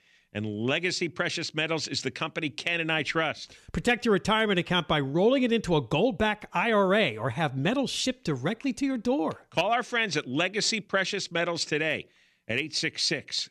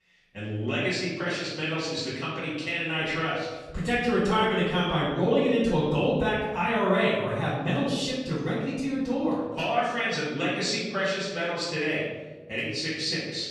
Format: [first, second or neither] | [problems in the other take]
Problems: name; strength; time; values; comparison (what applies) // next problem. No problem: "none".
first | off-mic speech; far // room echo; noticeable; dies away in 1.2 s